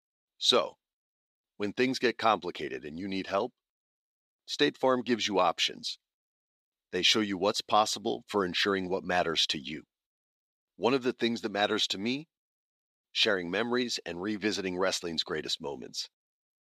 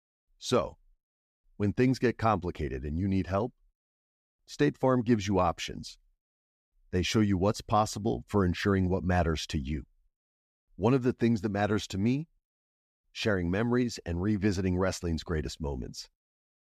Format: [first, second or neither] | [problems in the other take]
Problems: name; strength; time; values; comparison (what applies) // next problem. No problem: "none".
second | thin; somewhat; fading below 350 Hz